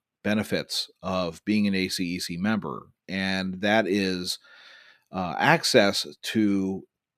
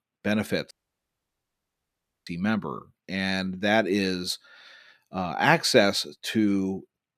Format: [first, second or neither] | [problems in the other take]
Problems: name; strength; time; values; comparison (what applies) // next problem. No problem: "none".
first | audio cutting out; at 0.5 s for 1.5 s